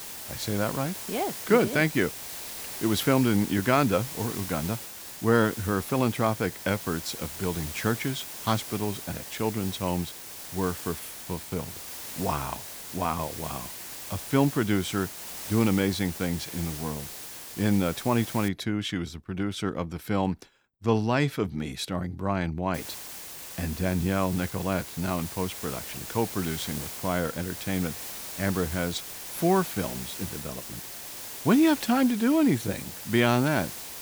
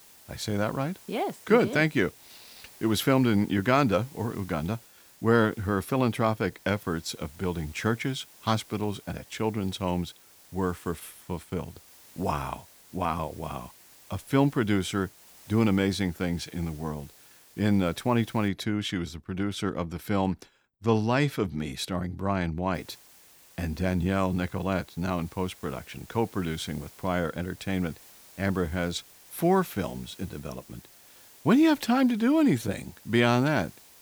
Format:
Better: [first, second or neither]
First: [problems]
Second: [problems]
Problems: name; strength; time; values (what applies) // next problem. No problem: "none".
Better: second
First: hiss; loud; until 18 s and from 23 s on; 9 dB below the speech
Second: hiss; faint; until 18 s and from 23 s on; 25 dB below the speech